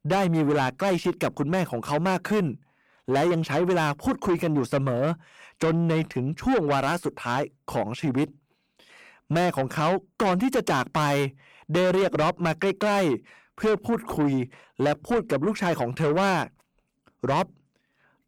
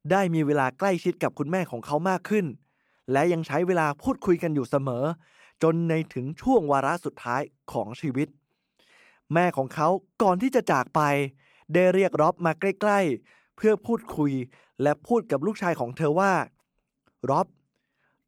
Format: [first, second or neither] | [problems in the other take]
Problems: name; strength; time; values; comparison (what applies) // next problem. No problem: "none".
second | distortion; heavy; 7 dB below the speech